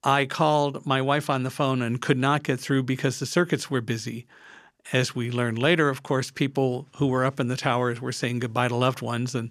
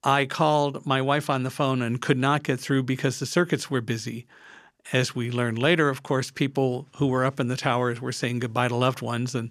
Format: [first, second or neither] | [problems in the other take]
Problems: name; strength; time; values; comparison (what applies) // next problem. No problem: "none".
neither | none